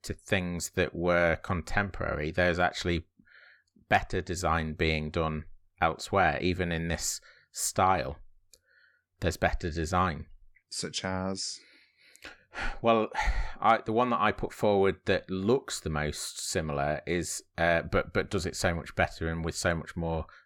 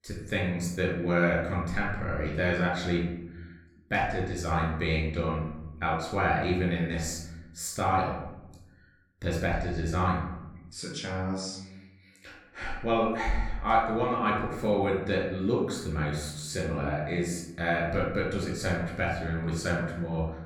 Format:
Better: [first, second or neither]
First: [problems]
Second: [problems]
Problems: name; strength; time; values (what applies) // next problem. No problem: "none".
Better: first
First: none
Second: off-mic speech; far // room echo; noticeable; dies away in 0.9 s